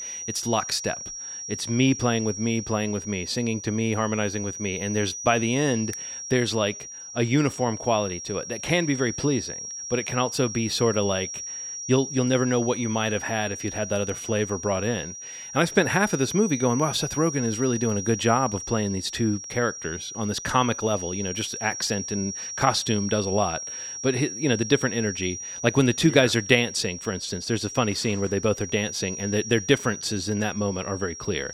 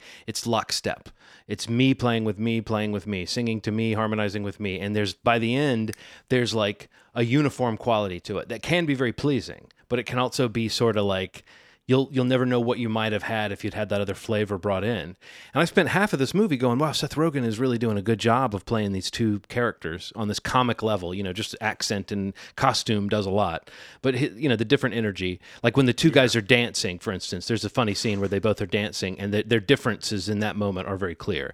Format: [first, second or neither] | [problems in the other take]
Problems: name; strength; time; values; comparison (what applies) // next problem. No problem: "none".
second | high-pitched whine; loud; throughout; 5.5 kHz, 8 dB below the speech